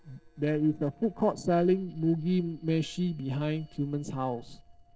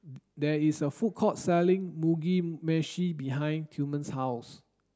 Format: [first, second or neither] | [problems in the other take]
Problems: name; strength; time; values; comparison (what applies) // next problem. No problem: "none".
second | noise reduction (neural separator model SepFormer DNS4)